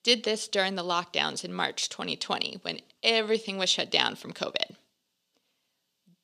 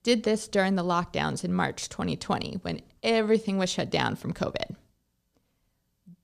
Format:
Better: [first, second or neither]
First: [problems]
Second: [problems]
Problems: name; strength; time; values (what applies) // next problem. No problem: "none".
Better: second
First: thin; very slightly; fading below 300 Hz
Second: none